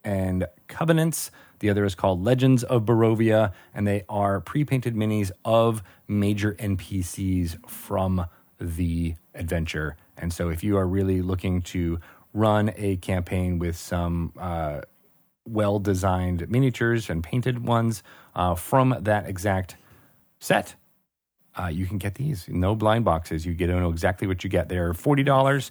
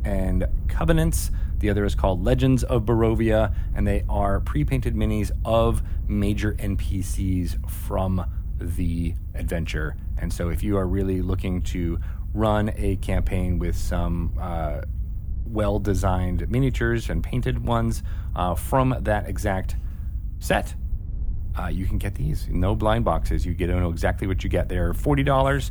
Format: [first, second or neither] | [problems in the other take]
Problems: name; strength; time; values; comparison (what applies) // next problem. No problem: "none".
first | low rumble; faint; throughout; 20 dB below the speech